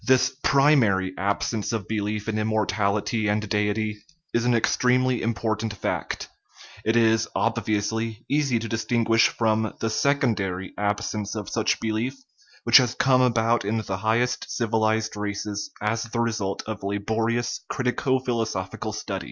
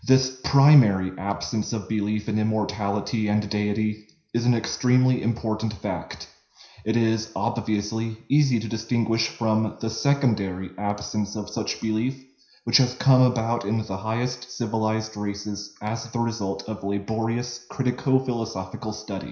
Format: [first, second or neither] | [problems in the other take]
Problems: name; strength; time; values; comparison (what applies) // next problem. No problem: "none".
first | room echo; dies away in 0.5 s